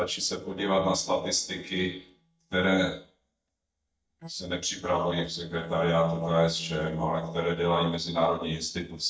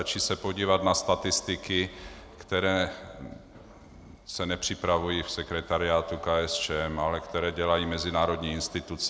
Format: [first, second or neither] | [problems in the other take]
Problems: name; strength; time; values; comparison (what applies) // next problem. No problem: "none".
second | noise reduction (neural mask model DeepFilterNet 3)